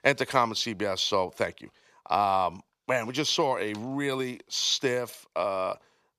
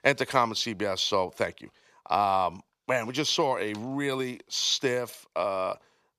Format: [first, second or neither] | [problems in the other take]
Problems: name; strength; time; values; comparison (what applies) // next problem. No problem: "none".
neither | thin; somewhat; fading below 500 Hz; the same in both